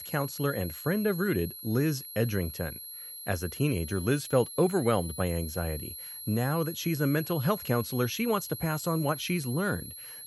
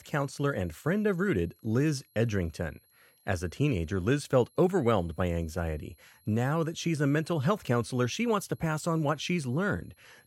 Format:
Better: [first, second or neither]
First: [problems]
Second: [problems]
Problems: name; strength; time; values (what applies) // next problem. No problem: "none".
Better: second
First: high-pitched whine; loud; throughout; 11.5 kHz, 9 dB below the speech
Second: high-pitched whine; faint; throughout; 11.5 kHz, 35 dB below the speech